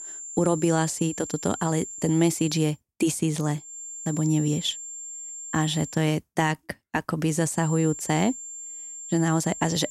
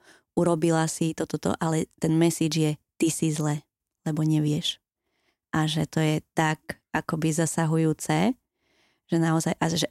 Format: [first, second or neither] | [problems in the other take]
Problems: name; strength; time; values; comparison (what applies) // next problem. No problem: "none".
second | high-pitched whine; loud; until 2.5 s, from 3.5 to 6 s and from 7.5 s on; 7.5 kHz, 10 dB below the speech